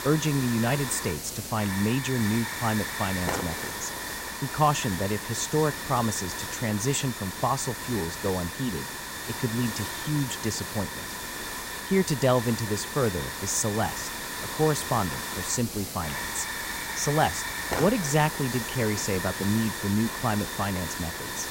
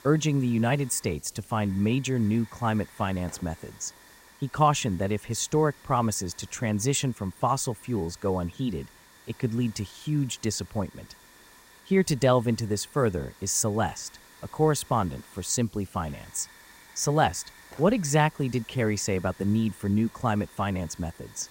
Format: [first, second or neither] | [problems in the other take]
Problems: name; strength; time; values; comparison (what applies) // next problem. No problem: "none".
second | hiss; loud; throughout; 4 dB below the speech; faint in the second